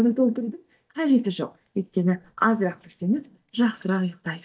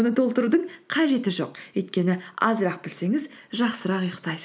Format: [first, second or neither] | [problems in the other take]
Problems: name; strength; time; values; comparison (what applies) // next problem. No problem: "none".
second | noise reduction (neural mask model DeepFilterNet 3)